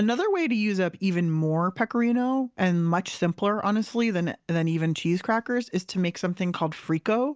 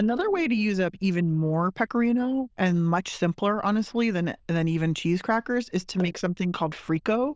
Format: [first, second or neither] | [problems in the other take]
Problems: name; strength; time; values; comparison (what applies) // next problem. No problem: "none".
first | noise reduction (neural diffusion model UNIVERSE++)